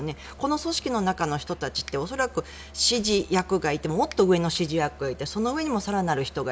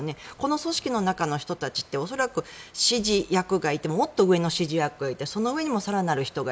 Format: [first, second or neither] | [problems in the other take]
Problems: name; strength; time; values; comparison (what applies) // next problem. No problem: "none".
second | background sound (Musical instrument + Finger snapping); 20 dB below the speech